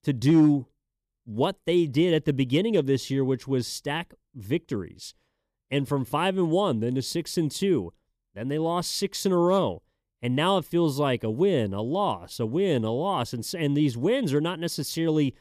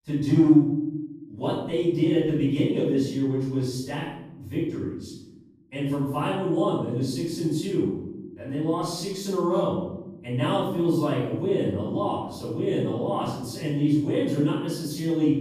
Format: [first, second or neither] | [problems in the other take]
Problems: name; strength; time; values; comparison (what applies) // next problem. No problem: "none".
first | room echo; strong; dies away in 0.9 s // off-mic speech; far